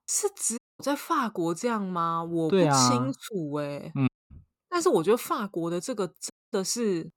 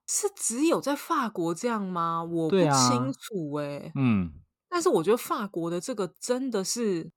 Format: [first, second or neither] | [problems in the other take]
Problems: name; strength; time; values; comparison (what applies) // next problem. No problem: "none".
second | audio cutting out; at 0.5 s, at 4 s and at 6.5 s